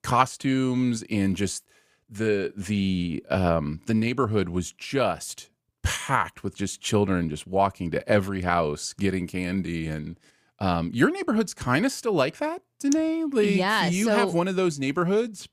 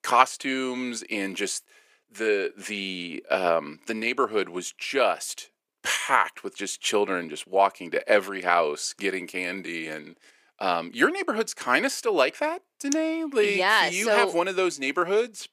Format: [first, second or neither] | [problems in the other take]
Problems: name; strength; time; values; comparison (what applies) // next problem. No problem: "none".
first | thin; somewhat; fading below 350 Hz